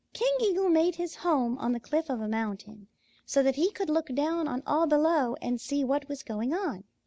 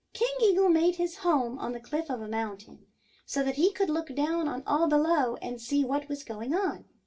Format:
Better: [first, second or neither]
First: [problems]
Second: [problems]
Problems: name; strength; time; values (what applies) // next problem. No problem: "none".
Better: first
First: none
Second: room echo; dies away in 0.2 s